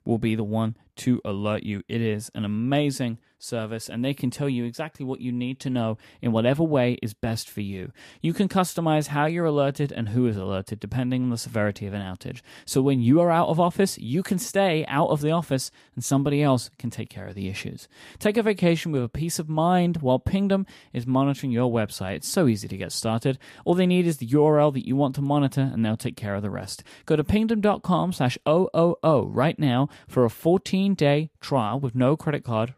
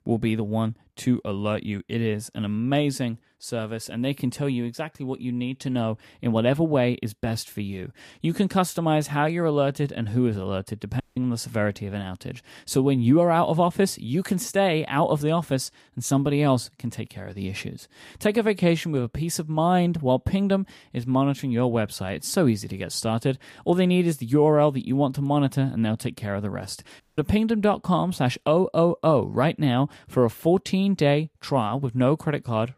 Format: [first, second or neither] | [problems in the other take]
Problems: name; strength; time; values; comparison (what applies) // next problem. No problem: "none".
first | audio cutting out; at 11 s and at 27 s